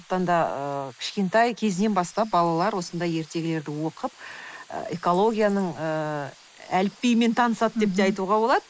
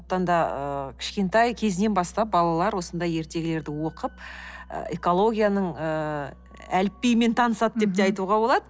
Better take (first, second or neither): second